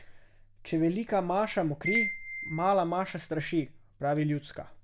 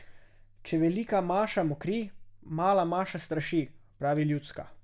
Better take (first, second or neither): second